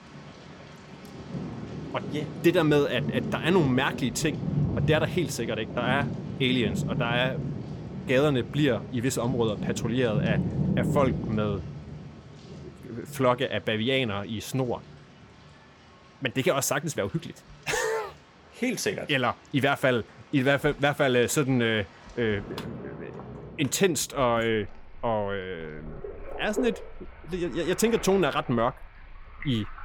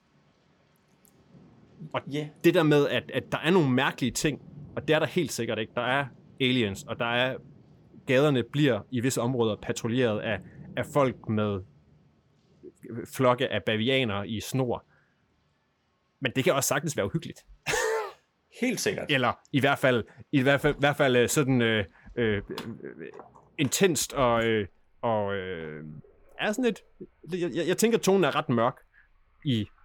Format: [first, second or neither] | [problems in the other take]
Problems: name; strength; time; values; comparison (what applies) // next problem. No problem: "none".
second | rain or running water; loud; throughout; 7 dB below the speech; faint in the second